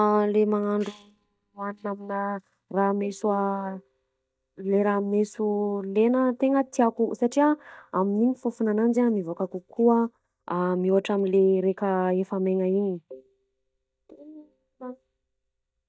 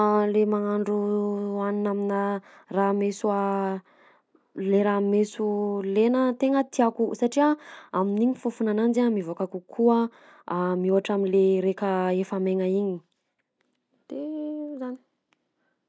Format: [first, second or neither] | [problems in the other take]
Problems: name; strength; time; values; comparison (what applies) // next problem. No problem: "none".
second | noise reduction (neural mask model DeepFilterNet 3)